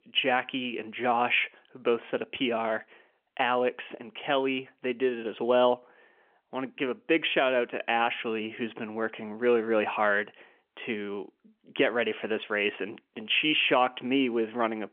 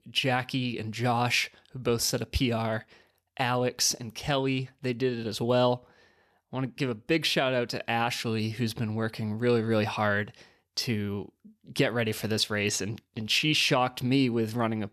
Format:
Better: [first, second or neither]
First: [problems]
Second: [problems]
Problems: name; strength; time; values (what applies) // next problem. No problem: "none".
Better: second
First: phone-call audio; nothing above 3.5 kHz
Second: none